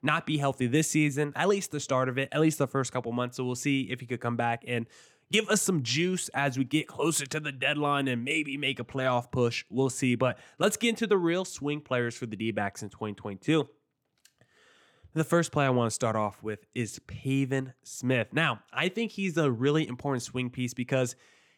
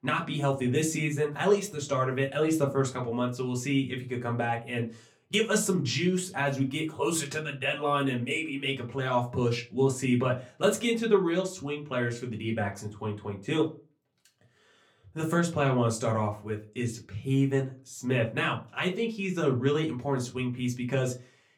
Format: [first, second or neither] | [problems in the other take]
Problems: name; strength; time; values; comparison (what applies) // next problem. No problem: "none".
first | off-mic speech; far // room echo; very slight; dies away in 0.2 s